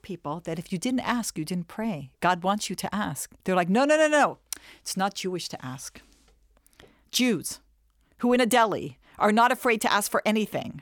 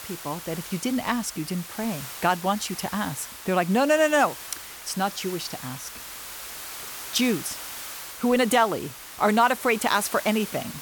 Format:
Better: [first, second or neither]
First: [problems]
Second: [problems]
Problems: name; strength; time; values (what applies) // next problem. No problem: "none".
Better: first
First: none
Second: hiss; noticeable; throughout; 10 dB below the speech